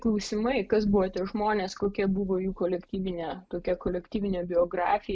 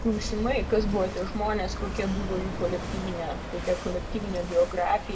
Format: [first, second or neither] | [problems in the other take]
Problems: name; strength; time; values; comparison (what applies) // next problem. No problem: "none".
first | background sound (Walk, footsteps / Waves, surf / Wind); 5 dB below the speech // room echo; dies away in 0.6 s